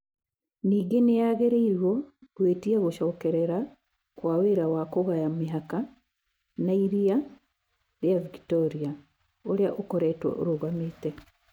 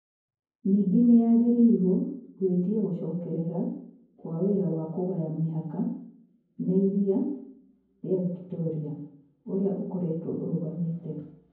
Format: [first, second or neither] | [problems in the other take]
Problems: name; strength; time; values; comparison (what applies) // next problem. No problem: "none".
first | room echo; dies away in 0.9 s